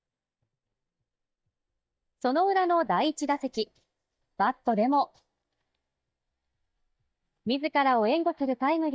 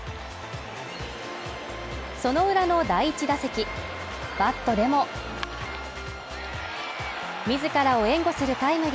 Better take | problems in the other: second | noise reduction (neural mask model DeepFilterNet 3)

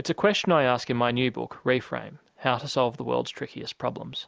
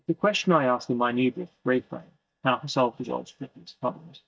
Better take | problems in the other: first | noise reduction (neural mask model DeepFilterNet 3)

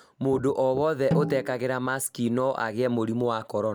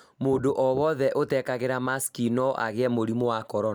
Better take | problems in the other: second | background sound (Snare drum); 6 dB below the speech

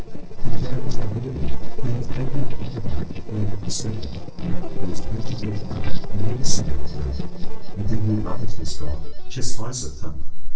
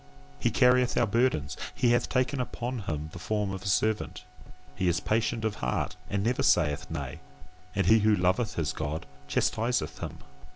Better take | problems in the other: second | noise reduction (neural separator model SepFormer DNS4)

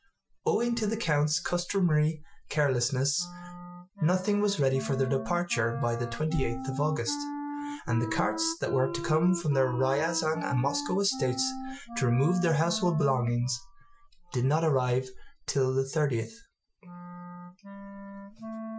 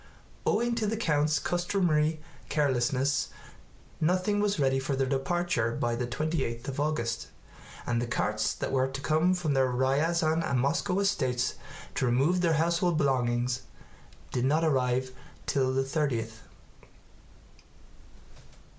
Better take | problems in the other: second | noise reduction (classical method Wiener filter)

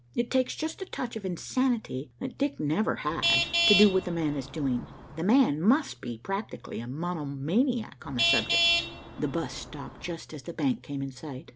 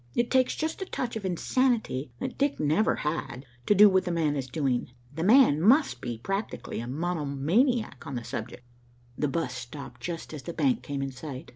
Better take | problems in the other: second | background sound (Traffic noise, roadway noise / Vehicle horn, car horn, honking); 1 dB below the speech

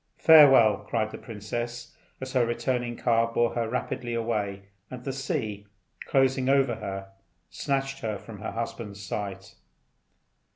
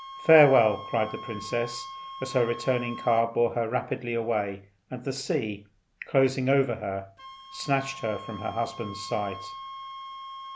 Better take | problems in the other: first | background sound (Wind instrument, woodwind instrument); 15 dB below the speech

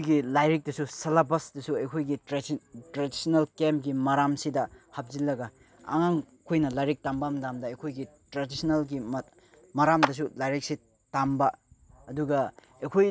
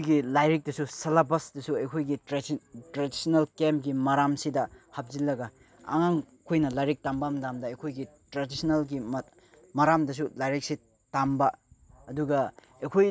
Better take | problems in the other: second | background sound (Clapping); 6 dB below the speech

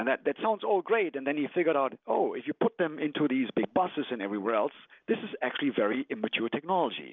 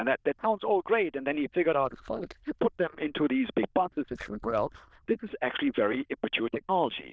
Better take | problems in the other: first | noise reduction (neural diffusion model UNIVERSE++)

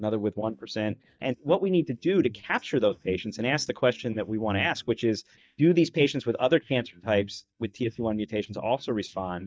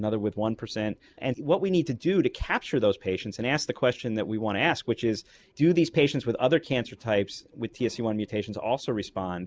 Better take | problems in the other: second | noise reduction (neural mask model DeepFilterNet 3)

